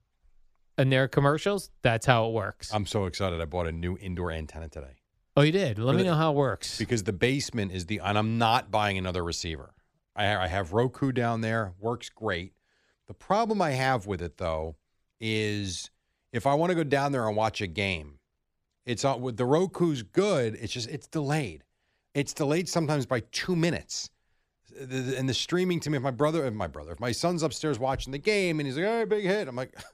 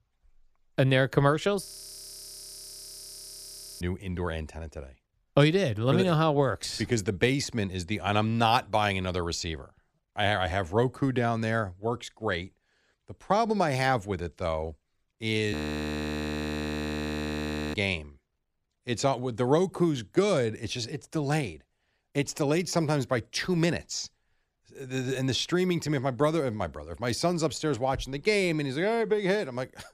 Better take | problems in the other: first | audio freezing; at 1.5 s for 2 s and at 16 s for 2 s

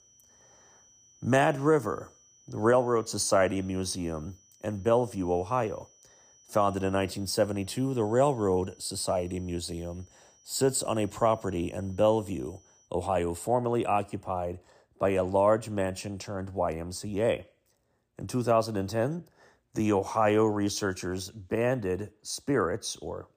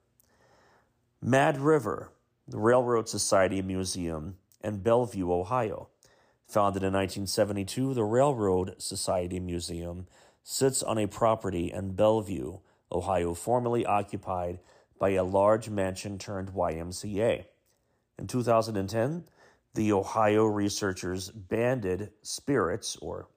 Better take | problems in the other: second | high-pitched whine; faint; until 13 s; 6 kHz, 30 dB below the speech

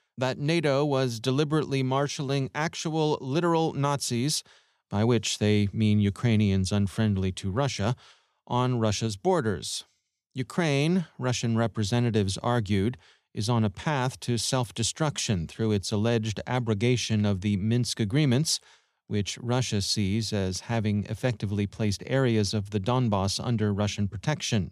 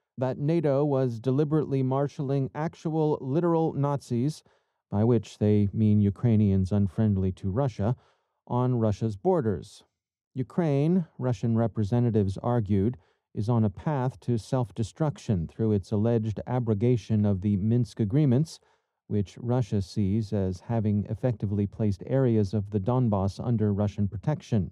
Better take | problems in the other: first | muffled; very; fading above 1.5 kHz

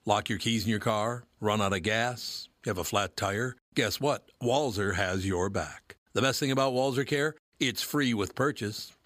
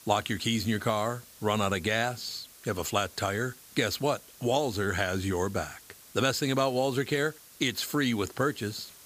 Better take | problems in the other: first | hiss; faint; throughout; 20 dB below the speech

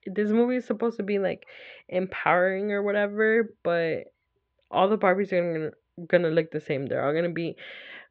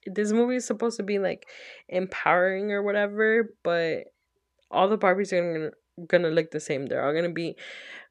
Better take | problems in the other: second | muffled; slightly; fading above 3.5 kHz

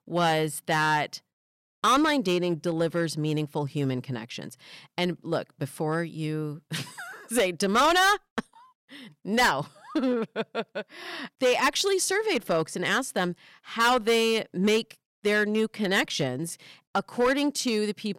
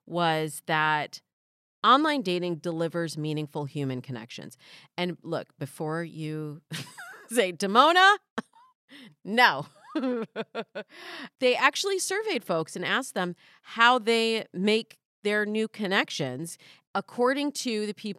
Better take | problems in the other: second | distortion; heavy; 5% of the sound clipped

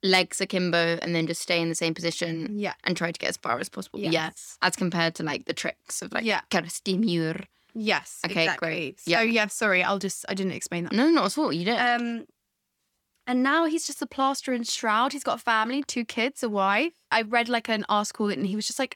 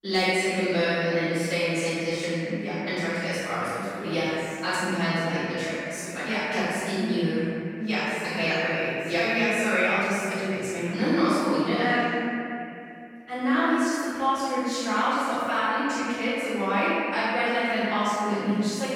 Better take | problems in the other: first | off-mic speech; far // room echo; strong; dies away in 2.5 s

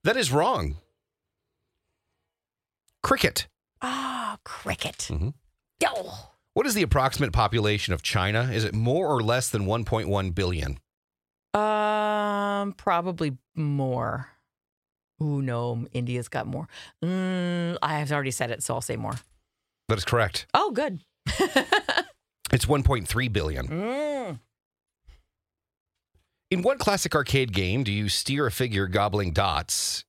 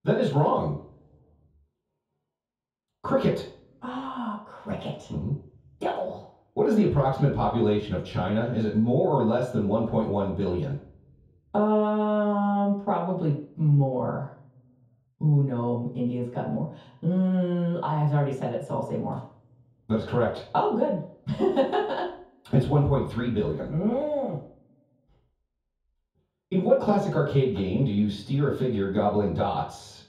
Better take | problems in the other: first | room echo; noticeable; dies away in 0.6 s // off-mic speech; far

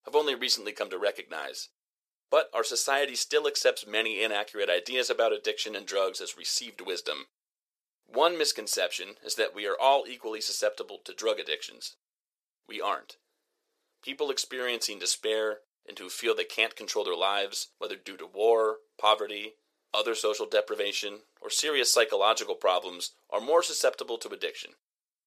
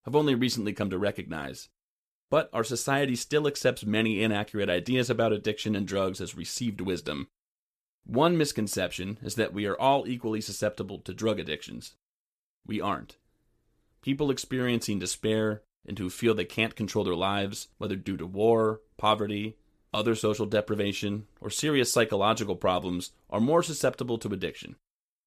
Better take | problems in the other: second | thin; very; fading below 450 Hz

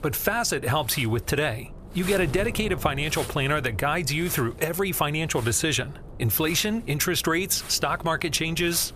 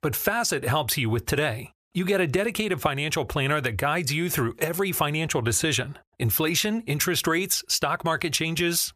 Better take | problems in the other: second | wind noise on the microphone; occasional gusts; 20 dB below the speech

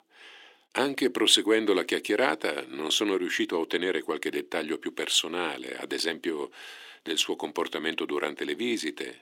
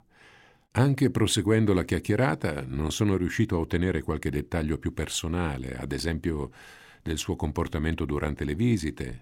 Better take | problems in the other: second | thin; somewhat; fading below 350 Hz

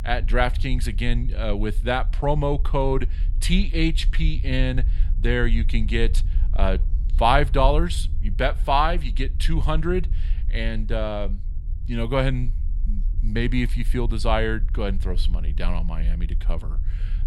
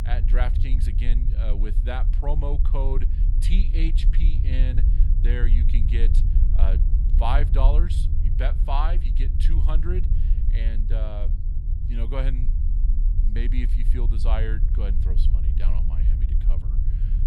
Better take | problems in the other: first | low rumble; loud; throughout; 8 dB below the speech; faint in the first

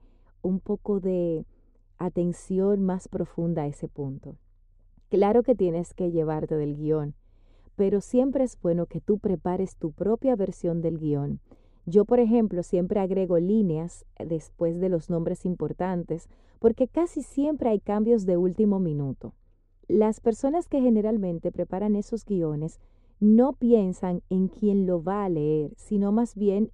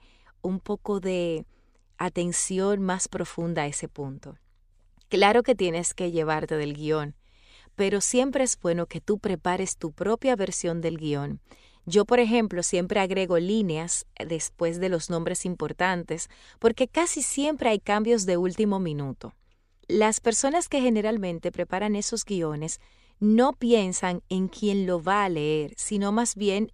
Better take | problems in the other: second | muffled; very; fading above 1 kHz

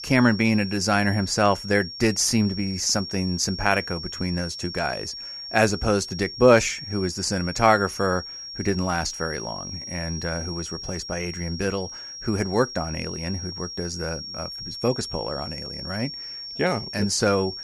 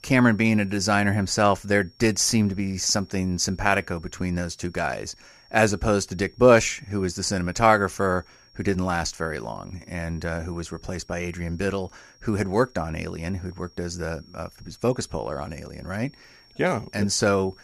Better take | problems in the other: second | high-pitched whine; loud; throughout; 5.5 kHz, 9 dB below the speech; faint in the second

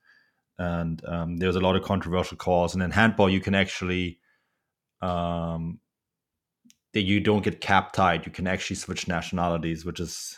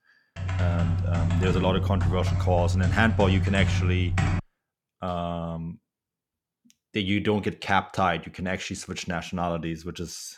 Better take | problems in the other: first | keyboard typing; loud; until 4.5 s; peak 3 dB above the speech

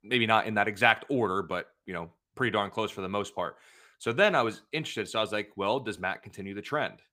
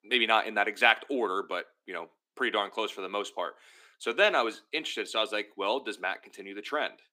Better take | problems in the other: first | thin; very slightly; fading below 250 Hz

